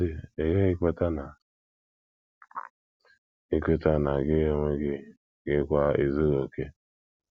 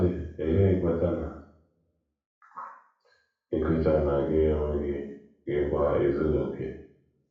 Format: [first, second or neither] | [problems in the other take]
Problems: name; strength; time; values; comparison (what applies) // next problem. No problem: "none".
first | room echo; dies away in 0.7 s